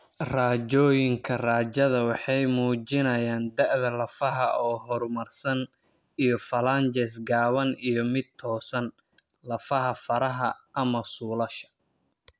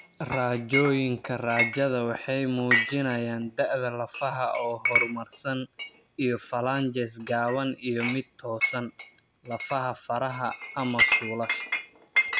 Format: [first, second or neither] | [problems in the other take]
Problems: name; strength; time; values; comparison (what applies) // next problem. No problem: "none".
first | background sound (Chink, clink); 3 dB below the speech